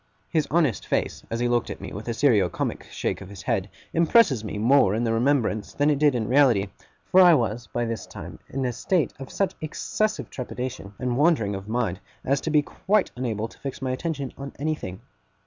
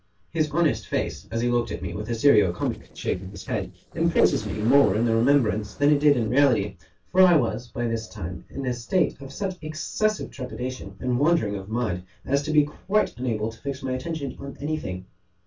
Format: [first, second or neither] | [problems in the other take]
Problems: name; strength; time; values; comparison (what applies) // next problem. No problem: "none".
first | noise reduction (neural separator model SepFormer DNS4)